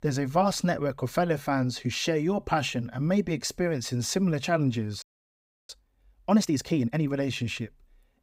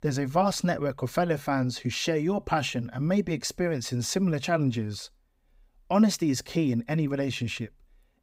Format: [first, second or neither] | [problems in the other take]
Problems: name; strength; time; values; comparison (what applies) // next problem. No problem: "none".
second | audio freezing; at 5 s for 0.5 s